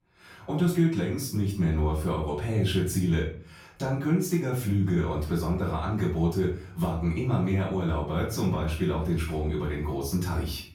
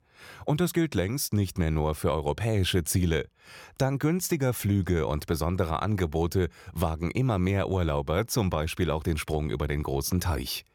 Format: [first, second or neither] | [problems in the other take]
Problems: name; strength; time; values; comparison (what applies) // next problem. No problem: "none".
second | room echo; noticeable; dies away in 0.4 s // off-mic speech; far